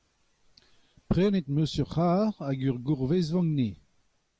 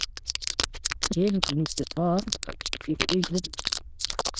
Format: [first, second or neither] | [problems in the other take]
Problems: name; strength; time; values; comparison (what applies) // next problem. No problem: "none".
first | noise reduction (neural diffusion model UNIVERSE++)